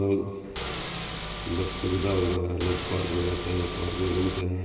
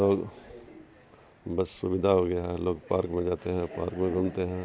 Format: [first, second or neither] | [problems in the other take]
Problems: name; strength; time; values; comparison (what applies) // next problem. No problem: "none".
second | background sound (Engine / Car); 6 dB below the speech // room echo; dies away in 2.5 s